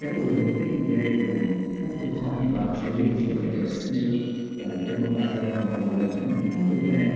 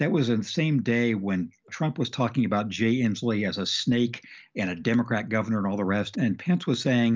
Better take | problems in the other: second | noise reduction (neural separator model SepFormer DNS4)

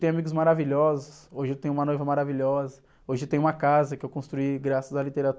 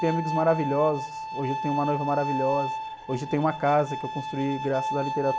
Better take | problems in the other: first | background sound (Bowed string instrument); 5 dB below the speech

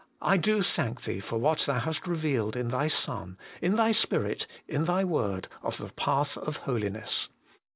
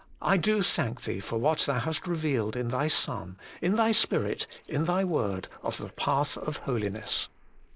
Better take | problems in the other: first | noise reduction (neural mask model Resemble Enhance denoiser)

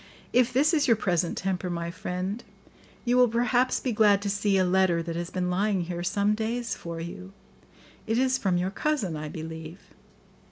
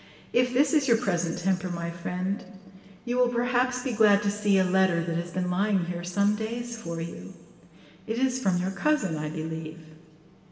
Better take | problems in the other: first | room echo; dies away in 2 s

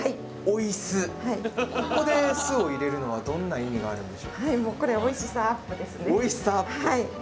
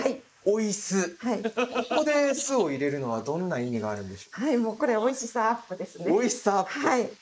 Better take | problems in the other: first | noise reduction (neural mask model Resemble Enhance denoiser)

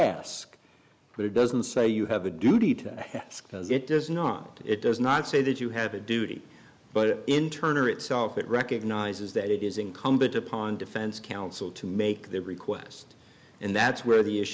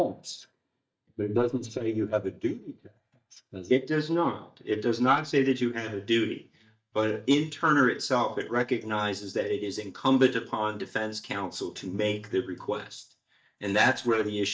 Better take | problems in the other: first | noise reduction (neural mask model DeepFilterNet 3)

